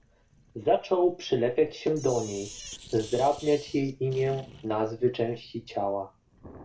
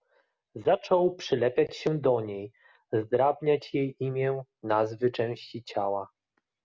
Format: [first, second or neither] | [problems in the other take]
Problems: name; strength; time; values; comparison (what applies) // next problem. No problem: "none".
second | background sound (Sink (filling or washing)); 19 dB below the speech // room echo; dies away in 0.2 s